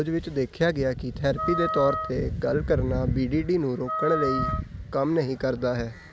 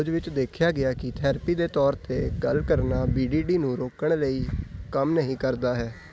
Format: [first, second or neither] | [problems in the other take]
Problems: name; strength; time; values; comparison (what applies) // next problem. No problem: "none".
second | background sound (Wind instrument, woodwind instrument); 6 dB below the speech